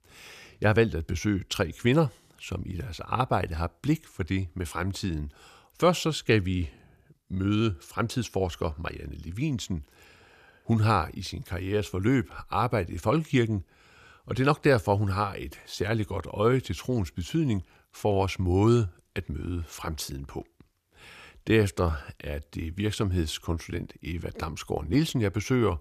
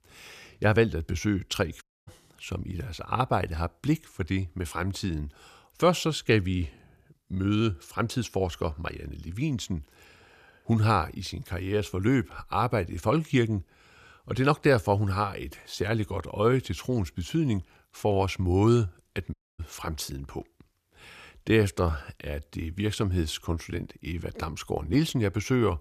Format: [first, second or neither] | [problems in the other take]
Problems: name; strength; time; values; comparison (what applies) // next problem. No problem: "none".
first | audio cutting out; at 2 s and at 19 s